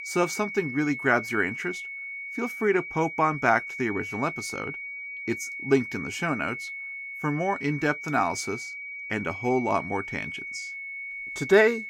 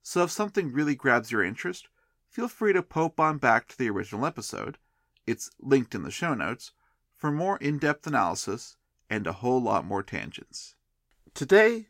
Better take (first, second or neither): second